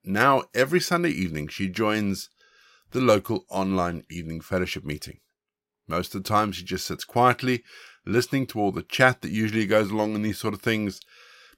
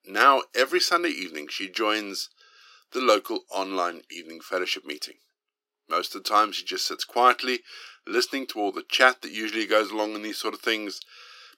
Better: first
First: none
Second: thin; somewhat; fading below 300 Hz

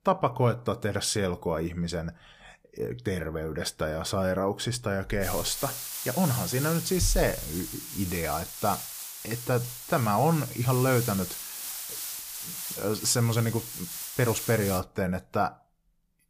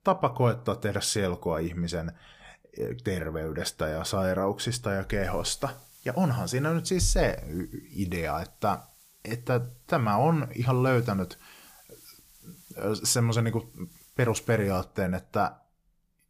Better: second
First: hiss; loud; from 5 to 15 s; 6 dB below the speech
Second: hiss; faint; from 5 to 15 s; 25 dB below the speech

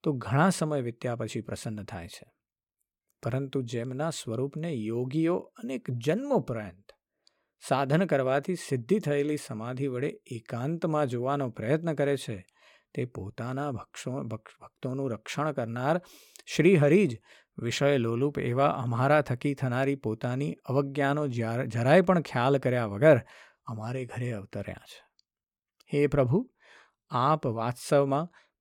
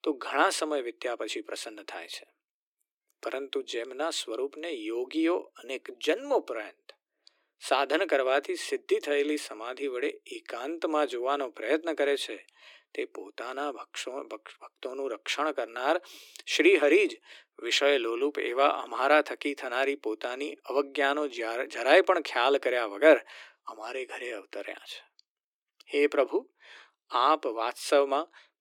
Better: first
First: none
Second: thin; somewhat; fading below 300 Hz

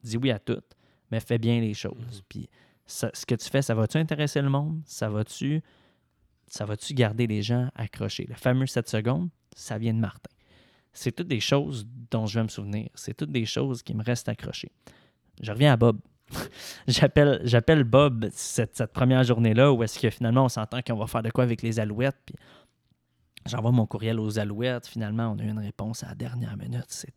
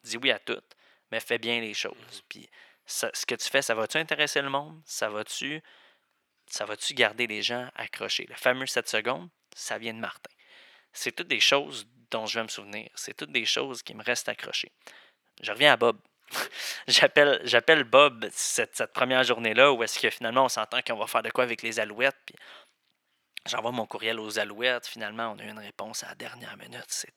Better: first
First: none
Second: thin; very; fading below 600 Hz

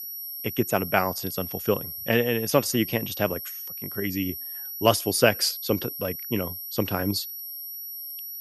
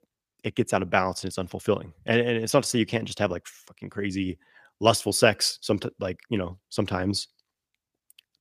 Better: second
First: high-pitched whine; loud; throughout; 12 kHz, 7 dB below the speech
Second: none

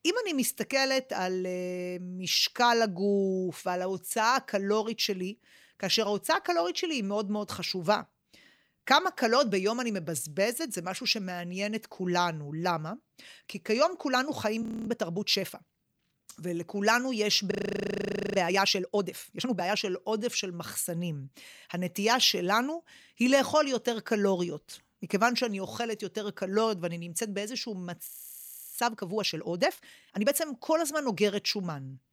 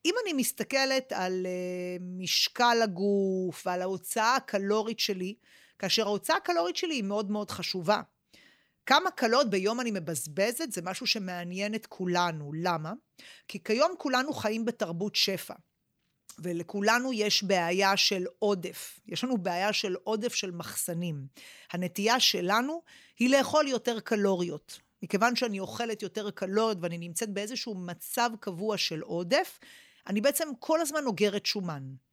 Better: second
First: audio freezing; at 15 s, at 18 s for 1 s and at 28 s for 0.5 s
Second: none

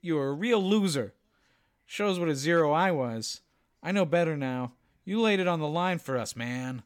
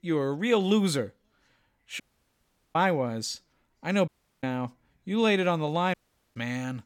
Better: first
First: none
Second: audio cutting out; at 2 s for 1 s, at 4 s and at 6 s

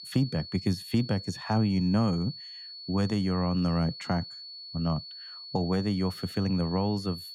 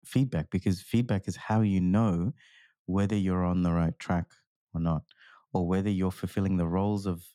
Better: second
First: high-pitched whine; noticeable; throughout; 4.5 kHz, 10 dB below the speech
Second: none

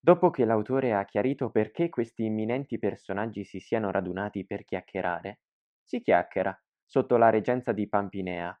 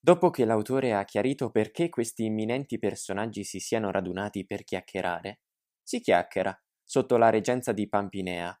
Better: second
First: muffled; very; fading above 2 kHz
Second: none

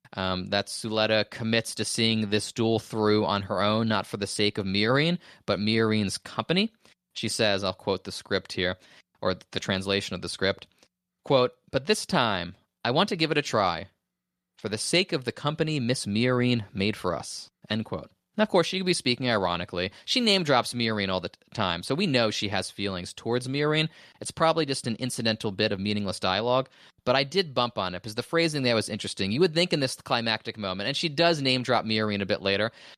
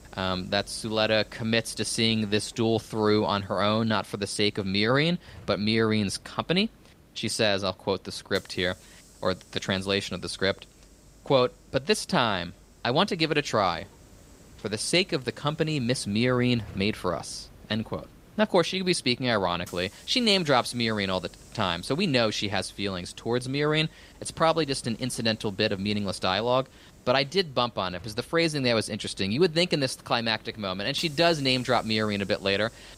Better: first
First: none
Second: hiss; faint; throughout; 25 dB below the speech

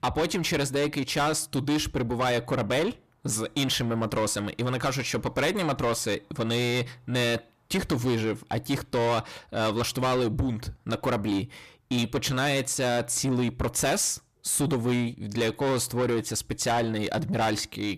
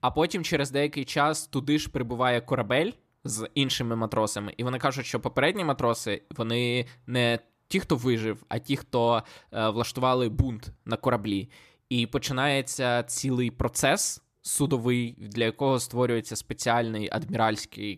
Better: second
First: distortion; heavy; 7 dB below the speech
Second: none

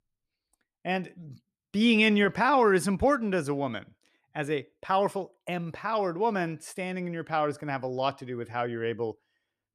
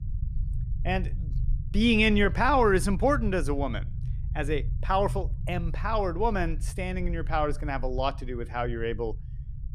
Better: first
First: none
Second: low rumble; faint; throughout; 20 dB below the speech

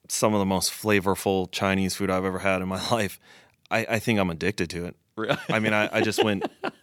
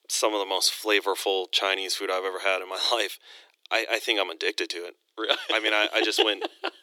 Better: first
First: none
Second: thin; very; fading below 300 Hz

